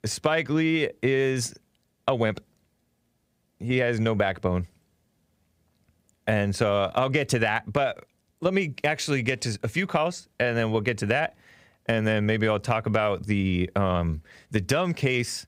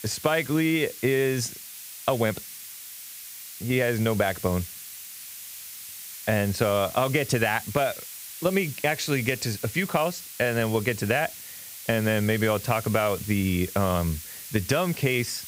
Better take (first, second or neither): first